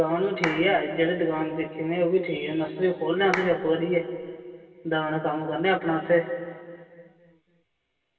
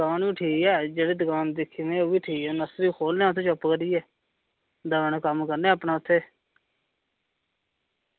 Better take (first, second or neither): second